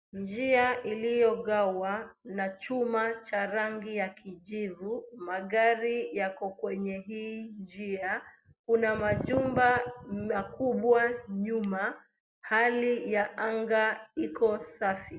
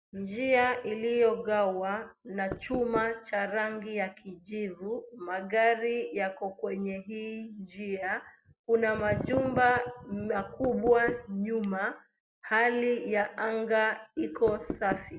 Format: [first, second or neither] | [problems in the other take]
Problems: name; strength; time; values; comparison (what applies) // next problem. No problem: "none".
first | background sound (Knock); 8 dB below the speech